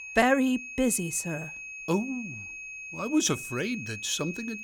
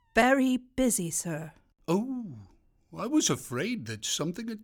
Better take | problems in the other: second | high-pitched whine; loud; throughout; 2.5 kHz, 10 dB below the speech

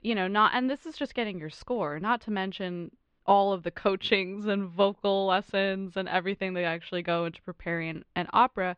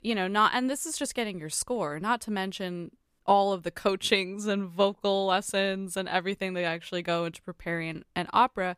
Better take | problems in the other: second | muffled; slightly; fading above 3.5 kHz

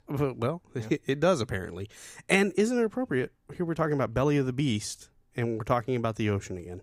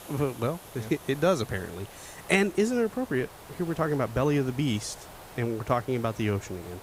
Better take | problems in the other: first | hiss; noticeable; throughout; 20 dB below the speech

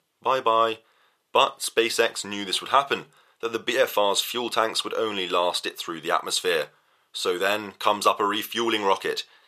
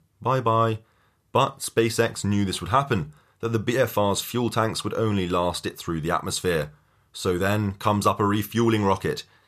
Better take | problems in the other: second | thin; very; fading below 500 Hz

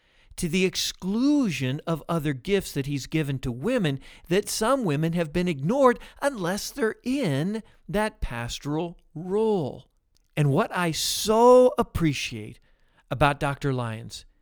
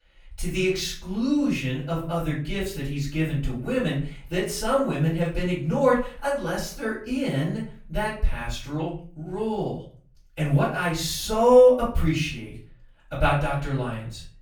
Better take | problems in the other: first | off-mic speech; far // room echo; slight; dies away in 0.4 s

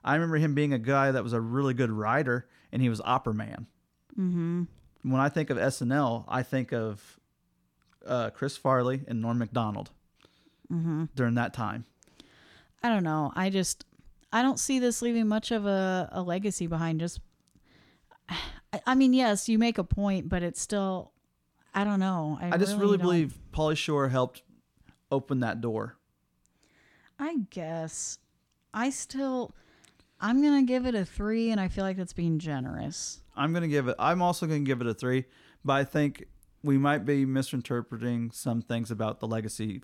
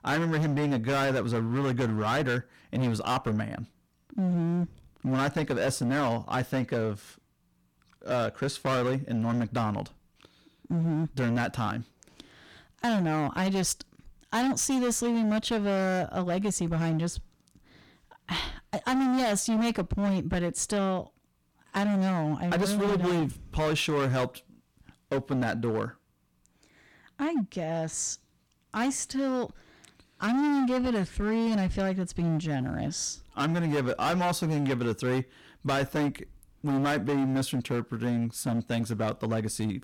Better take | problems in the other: first | distortion; heavy; 18% of the sound clipped

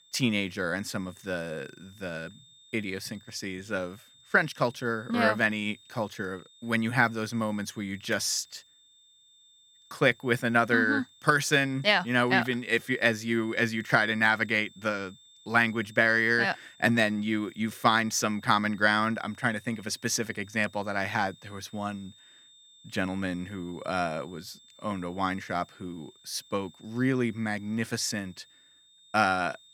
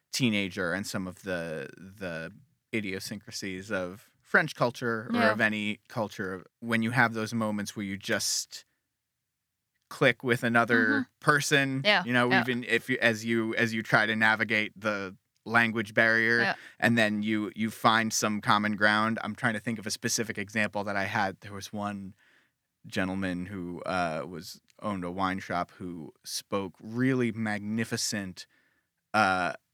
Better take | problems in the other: second | high-pitched whine; faint; throughout; 3.5 kHz, 25 dB below the speech

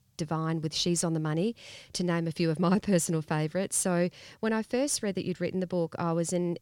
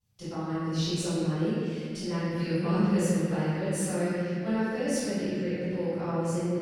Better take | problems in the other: first | off-mic speech; far // room echo; strong; dies away in 2.7 s

